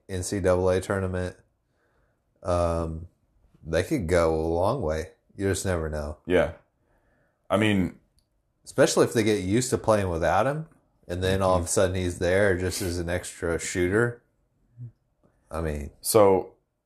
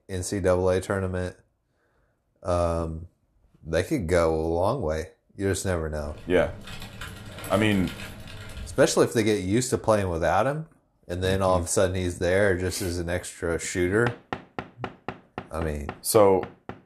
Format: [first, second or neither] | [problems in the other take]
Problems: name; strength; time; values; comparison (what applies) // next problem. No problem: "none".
first | keyboard typing; faint; from 6 to 9 s; peak 10 dB below the speech // door banging; noticeable; from 14 s on; peak 9 dB below the speech